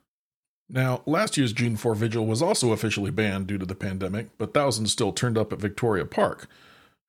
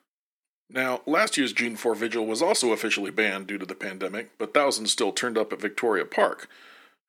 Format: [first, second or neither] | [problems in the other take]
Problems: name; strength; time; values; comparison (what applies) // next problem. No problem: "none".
first | thin; somewhat; fading below 250 Hz